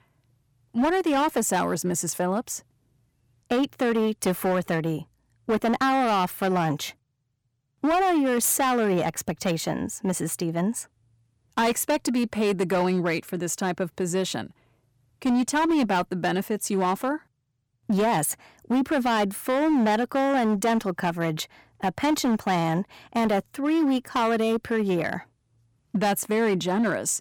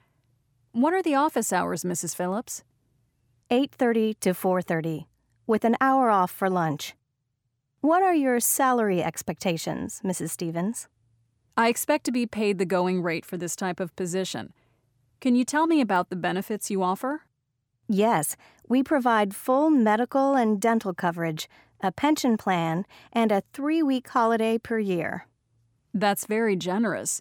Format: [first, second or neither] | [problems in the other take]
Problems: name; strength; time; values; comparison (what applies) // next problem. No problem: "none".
second | distortion; slight; 12% of the sound clipped